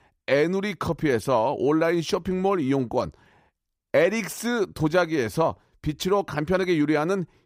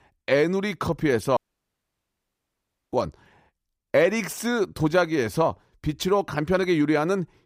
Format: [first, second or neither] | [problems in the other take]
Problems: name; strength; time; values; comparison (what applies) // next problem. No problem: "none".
first | audio cutting out; at 1.5 s for 1.5 s